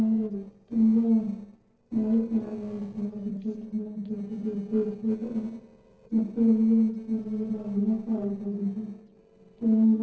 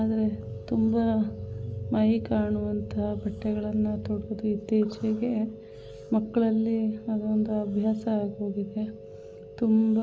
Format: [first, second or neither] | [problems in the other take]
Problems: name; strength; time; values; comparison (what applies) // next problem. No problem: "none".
second | noise reduction (neural separator model SepFormer DNS4)